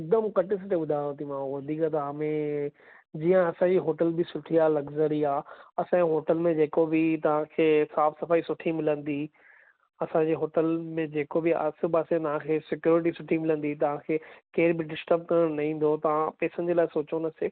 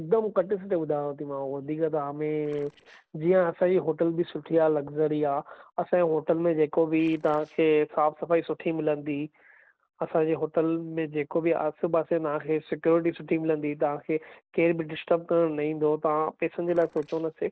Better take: first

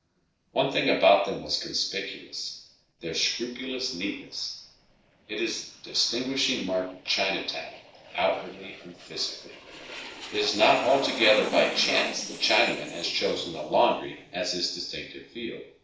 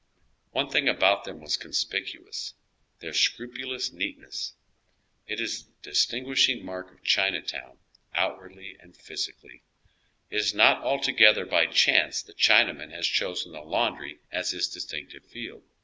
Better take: second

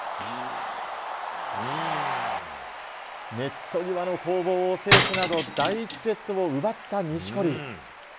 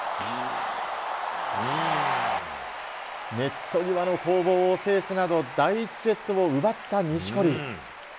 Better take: second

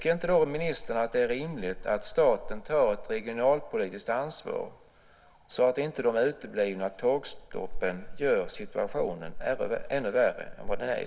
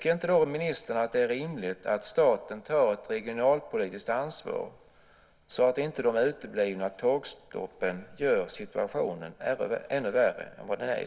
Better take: second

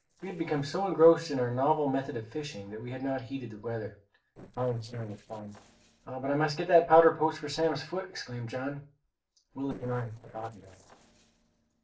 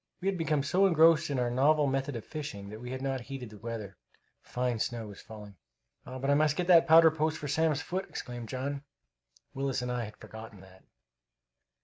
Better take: second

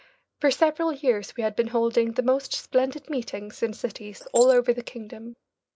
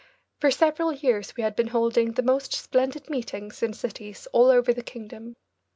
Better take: second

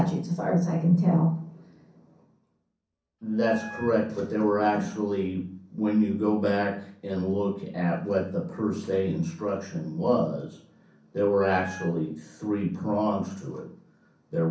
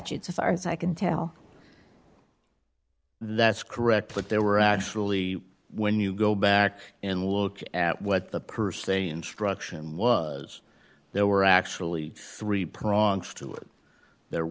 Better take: second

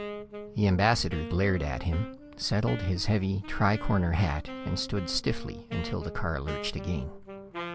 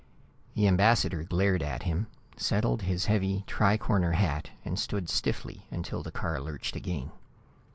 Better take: second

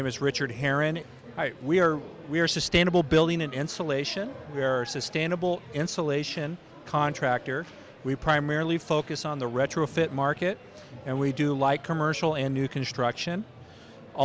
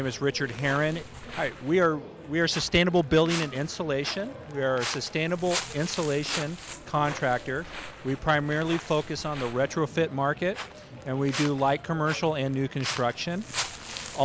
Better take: first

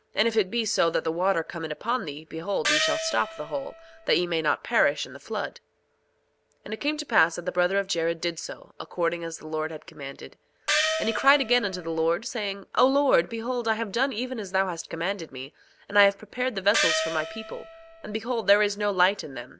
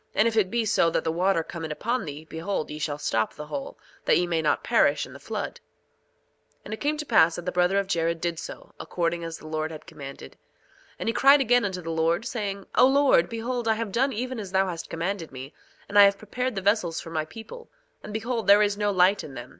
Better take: second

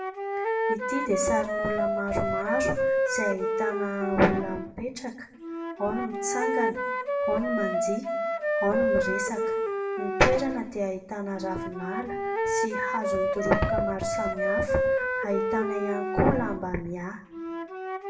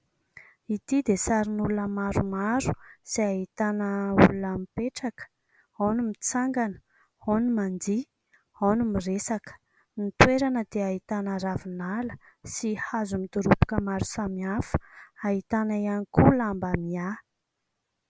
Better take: second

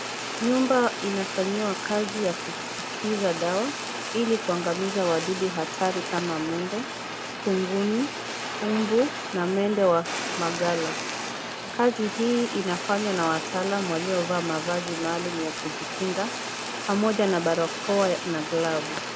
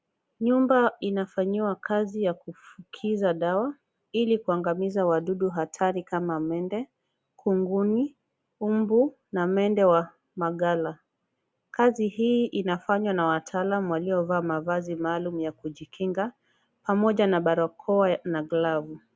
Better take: second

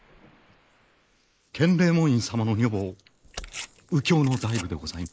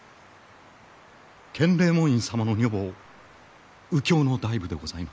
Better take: second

